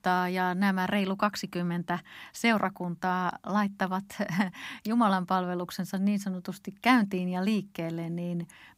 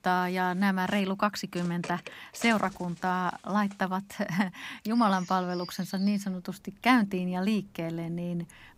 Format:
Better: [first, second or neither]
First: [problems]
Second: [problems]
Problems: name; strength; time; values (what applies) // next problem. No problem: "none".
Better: first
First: none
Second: animal sounds; noticeable; throughout; 20 dB below the speech